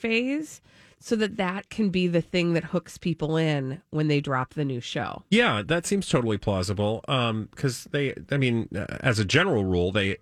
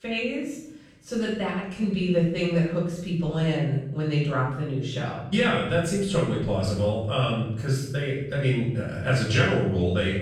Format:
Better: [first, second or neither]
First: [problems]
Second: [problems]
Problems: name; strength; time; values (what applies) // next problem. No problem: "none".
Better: first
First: none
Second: off-mic speech; far // room echo; noticeable; dies away in 0.8 s